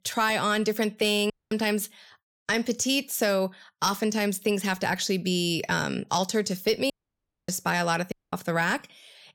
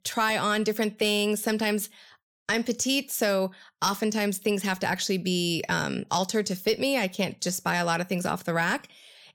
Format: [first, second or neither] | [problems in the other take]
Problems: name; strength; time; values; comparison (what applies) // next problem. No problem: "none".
second | audio cutting out; at 1.5 s, at 7 s for 0.5 s and at 8 s